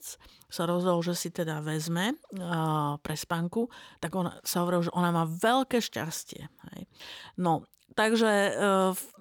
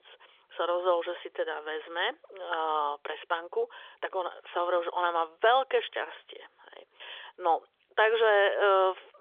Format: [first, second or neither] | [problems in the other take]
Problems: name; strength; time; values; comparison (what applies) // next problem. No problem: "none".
first | phone-call audio; nothing above 3.5 kHz